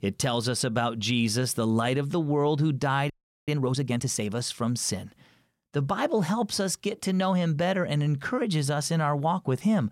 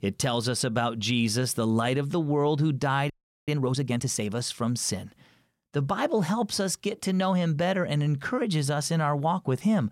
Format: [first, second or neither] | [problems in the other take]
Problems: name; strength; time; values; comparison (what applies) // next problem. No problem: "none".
neither | audio freezing; at 3 s; the same in both